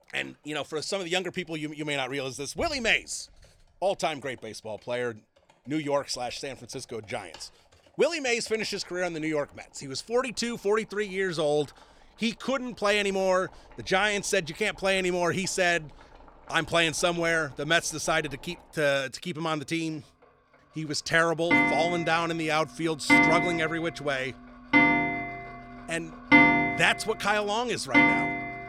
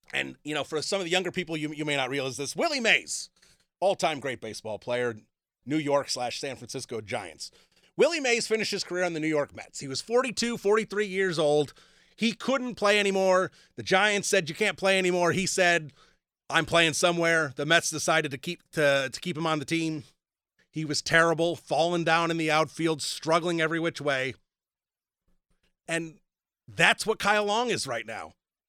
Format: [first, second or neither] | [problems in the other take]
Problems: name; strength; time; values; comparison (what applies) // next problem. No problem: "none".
second | household noises; very loud; throughout; 5 dB above the speech